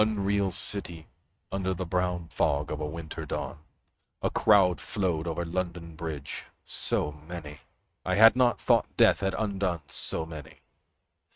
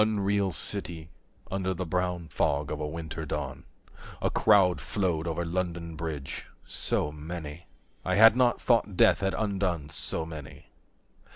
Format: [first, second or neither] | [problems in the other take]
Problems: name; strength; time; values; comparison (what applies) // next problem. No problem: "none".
second | noise reduction (neural mask model RNNoise)